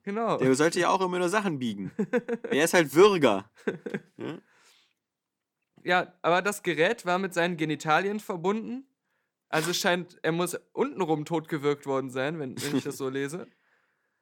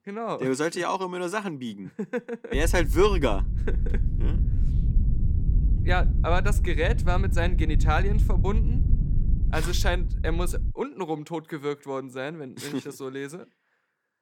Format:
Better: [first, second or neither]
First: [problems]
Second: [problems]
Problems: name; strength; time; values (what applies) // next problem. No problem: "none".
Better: first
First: none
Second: low rumble; noticeable; from 2.5 to 11 s; 15 dB below the speech